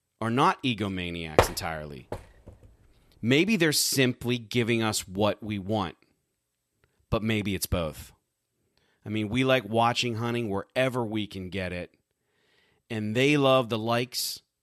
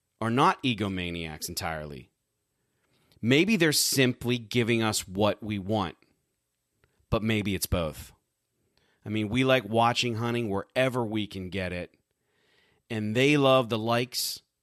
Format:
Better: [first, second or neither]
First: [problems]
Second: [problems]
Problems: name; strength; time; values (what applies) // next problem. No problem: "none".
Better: second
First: door banging; loud; at 1.5 s; peak 2 dB above the speech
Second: none